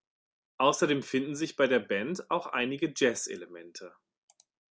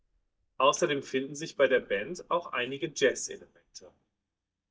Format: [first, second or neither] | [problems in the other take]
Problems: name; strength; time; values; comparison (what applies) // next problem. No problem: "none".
first | noise reduction (neural mask model DeepFilterNet 3)